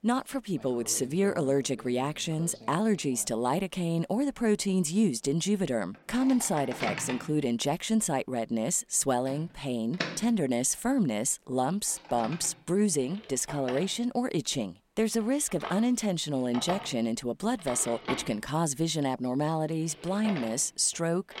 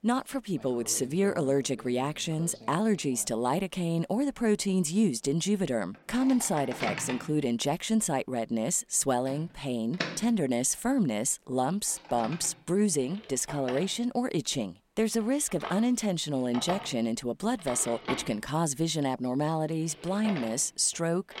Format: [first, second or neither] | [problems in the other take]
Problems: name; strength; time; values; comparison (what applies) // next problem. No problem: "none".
neither | household noises; noticeable; throughout; 10 dB below the speech; the same in both